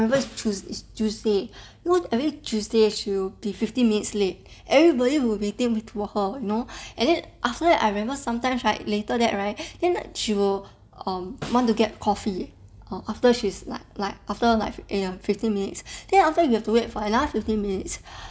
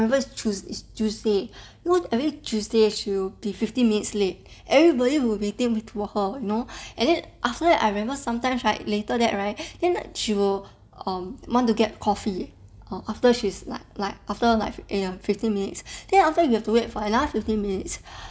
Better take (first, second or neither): second